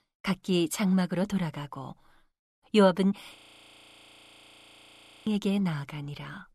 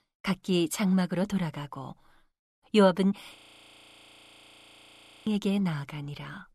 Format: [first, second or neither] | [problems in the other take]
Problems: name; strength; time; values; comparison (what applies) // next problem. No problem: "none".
neither | audio freezing; at 3.5 s for 2 s; the same in both